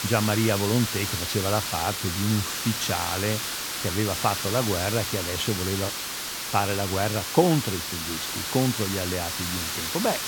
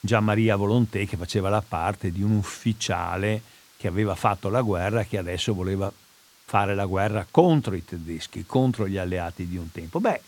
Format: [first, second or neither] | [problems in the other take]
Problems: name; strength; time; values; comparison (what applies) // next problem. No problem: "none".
second | hiss; loud; throughout; 1 dB below the speech; faint in the second